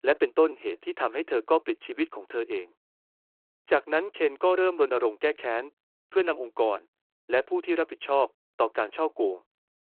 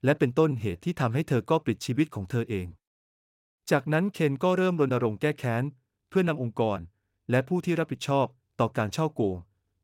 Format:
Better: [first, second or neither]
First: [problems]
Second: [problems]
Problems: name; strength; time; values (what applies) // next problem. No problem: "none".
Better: second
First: phone-call audio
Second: none